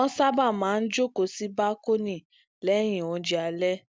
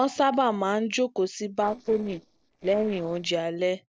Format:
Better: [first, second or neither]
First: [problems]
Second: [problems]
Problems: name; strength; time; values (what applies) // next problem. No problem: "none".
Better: first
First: none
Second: noise reduction (neural separator model SepFormer DNS4)